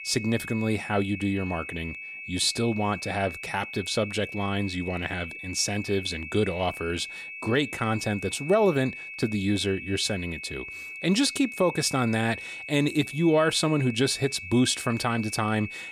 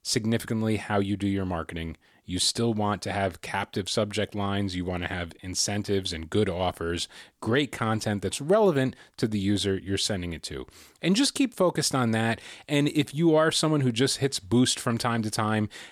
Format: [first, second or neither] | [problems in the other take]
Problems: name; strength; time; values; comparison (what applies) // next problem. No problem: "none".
second | high-pitched whine; loud; throughout; 2.5 kHz, 10 dB below the speech